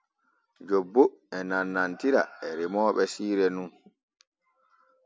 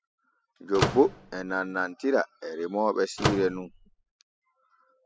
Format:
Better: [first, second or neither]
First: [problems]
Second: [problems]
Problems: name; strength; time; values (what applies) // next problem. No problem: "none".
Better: first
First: none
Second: noise reduction (classical method spectral subtraction)